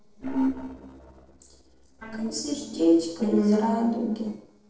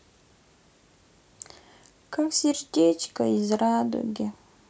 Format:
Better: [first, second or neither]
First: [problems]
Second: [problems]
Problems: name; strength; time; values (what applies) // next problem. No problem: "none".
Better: second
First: noise reduction (neural separator model SepFormer DNS4)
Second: none